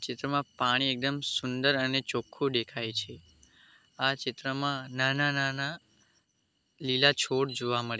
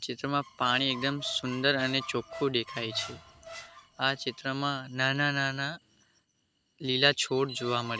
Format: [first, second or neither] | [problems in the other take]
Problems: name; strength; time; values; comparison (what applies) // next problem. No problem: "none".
first | background sound (Squeak); 17 dB below the speech